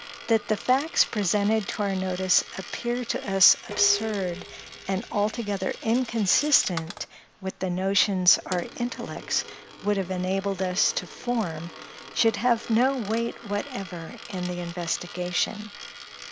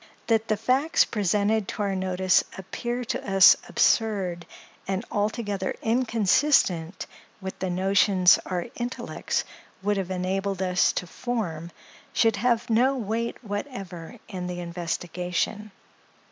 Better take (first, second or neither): second